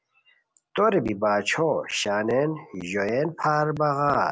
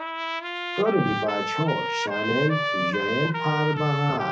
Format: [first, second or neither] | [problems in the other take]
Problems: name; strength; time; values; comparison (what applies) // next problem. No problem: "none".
first | background sound (Trumpet); 2 dB below the speech // room echo; dies away in 0.4 s